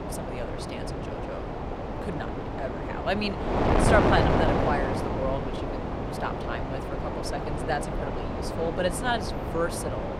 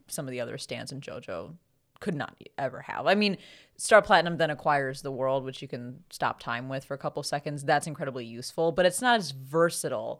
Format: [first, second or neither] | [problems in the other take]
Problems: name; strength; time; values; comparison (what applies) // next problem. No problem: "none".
second | wind noise on the microphone; heavy; as loud as the speech